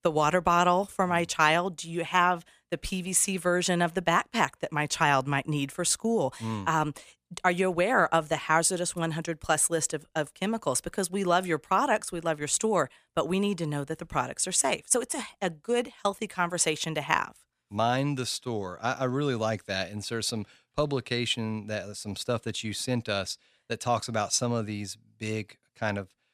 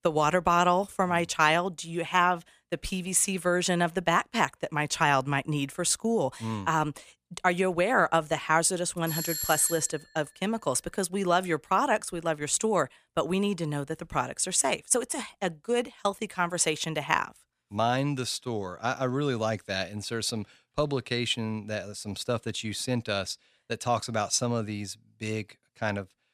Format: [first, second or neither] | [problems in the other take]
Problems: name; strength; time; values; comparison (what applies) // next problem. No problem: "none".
first | doorbell; noticeable; at 9 s; peak 2 dB below the speech